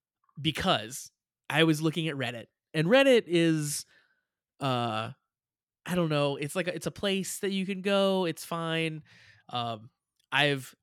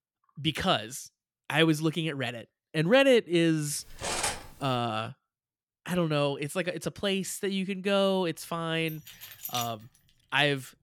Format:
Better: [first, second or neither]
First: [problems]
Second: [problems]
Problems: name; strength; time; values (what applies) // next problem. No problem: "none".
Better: first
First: none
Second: clattering dishes; noticeable; at 4 s; peak 2 dB below the speech // jangling keys; noticeable; at 9 s; peak 8 dB below the speech